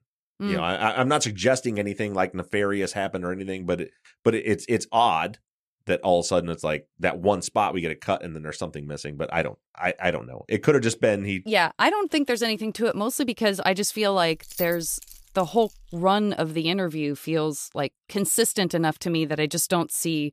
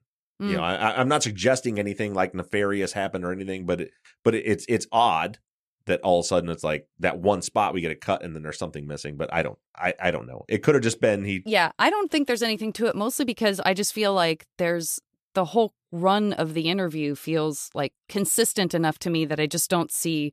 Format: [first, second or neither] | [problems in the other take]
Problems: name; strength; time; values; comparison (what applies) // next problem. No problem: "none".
second | jangling keys; noticeable; from 14 to 16 s; peak 8 dB below the speech